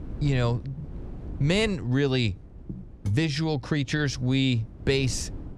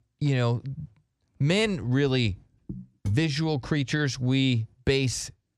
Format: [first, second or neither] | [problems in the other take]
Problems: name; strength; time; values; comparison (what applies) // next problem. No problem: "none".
second | wind noise on the microphone; occasional gusts; 20 dB below the speech